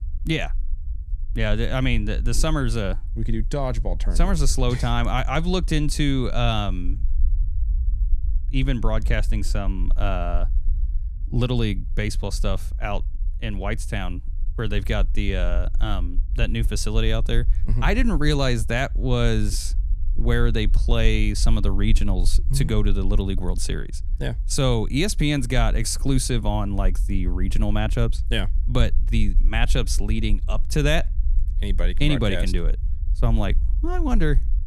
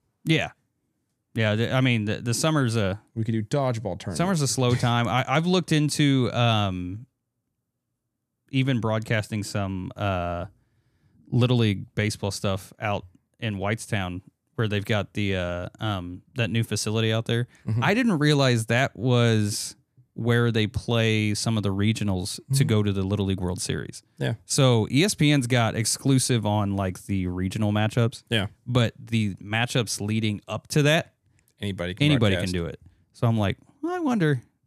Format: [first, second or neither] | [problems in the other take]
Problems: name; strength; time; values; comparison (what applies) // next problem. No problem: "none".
second | low rumble; faint; throughout; 20 dB below the speech